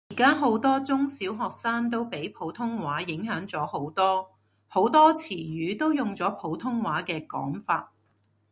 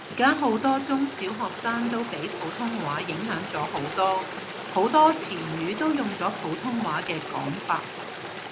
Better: first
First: none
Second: background sound (Stream); 9 dB below the speech

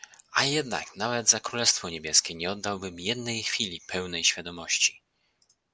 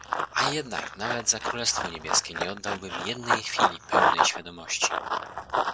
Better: first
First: none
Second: background sound (Run); 3 dB above the speech

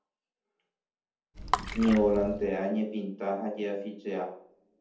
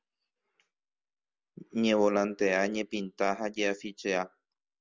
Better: second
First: background sound (Water / Splash, splatter); 5 dB below the speech // room echo; dies away in 0.6 s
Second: none

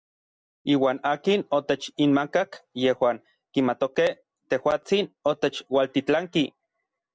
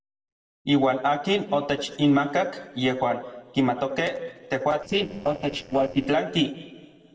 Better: first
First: none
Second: noise reduction (neural separator model SepFormer DNS4)

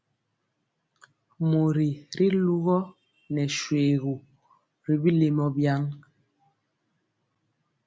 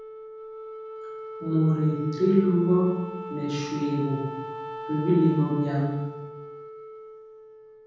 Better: first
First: none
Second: background sound (Wind instrument, woodwind instrument); 11 dB below the speech // room echo; dies away in 1.3 s

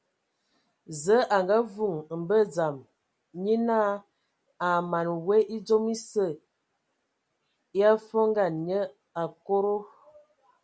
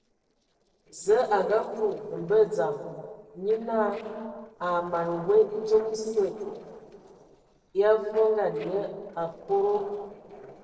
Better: first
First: none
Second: noise reduction (neural separator model SepFormer DNS4)

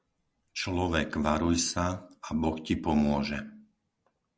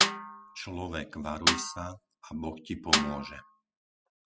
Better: first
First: none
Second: noise reduction (classical method spectral subtraction)

